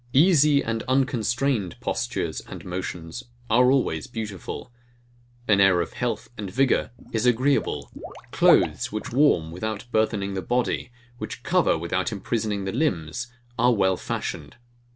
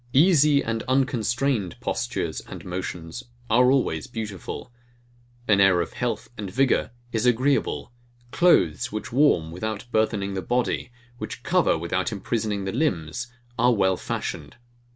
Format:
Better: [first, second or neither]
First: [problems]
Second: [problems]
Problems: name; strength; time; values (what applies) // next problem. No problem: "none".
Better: second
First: background sound (Water / Liquid); 12 dB below the speech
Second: none